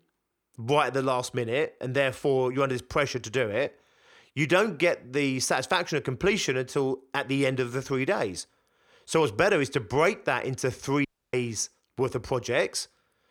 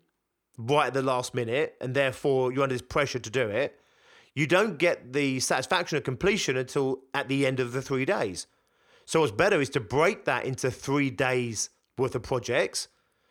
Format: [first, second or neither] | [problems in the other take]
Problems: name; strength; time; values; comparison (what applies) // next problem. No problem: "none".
second | audio cutting out; at 11 s